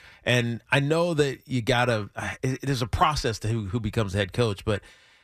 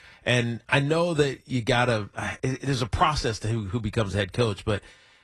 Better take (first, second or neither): first